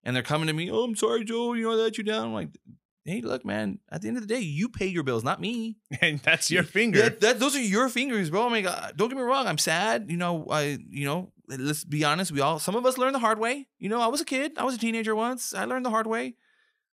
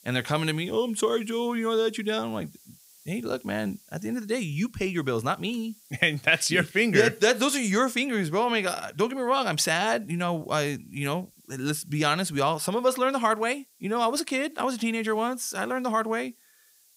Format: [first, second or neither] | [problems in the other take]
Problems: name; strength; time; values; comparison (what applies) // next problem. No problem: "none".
first | hiss; faint; throughout; 30 dB below the speech